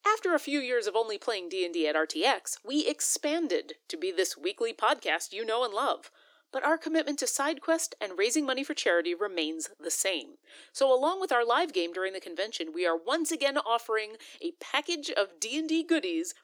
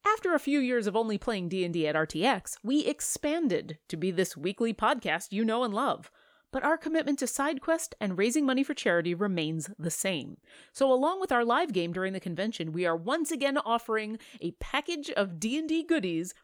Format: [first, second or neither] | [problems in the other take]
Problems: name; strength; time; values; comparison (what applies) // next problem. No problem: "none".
second | thin; somewhat; fading below 300 Hz